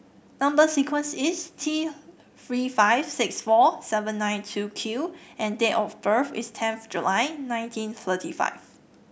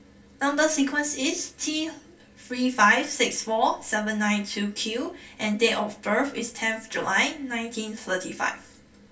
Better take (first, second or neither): first